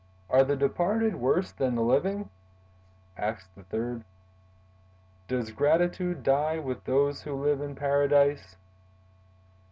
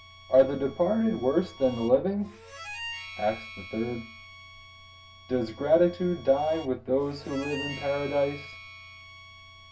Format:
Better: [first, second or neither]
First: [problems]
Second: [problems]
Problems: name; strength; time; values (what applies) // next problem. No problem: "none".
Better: first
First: none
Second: background sound (Harmonica); 16 dB below the speech // room echo; dies away in 0.2 s